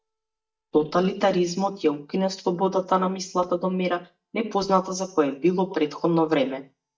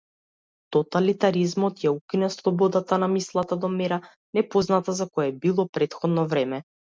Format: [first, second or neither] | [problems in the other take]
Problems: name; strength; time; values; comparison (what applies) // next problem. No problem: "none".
second | noise reduction (neural mask model DeepFilterNet 3)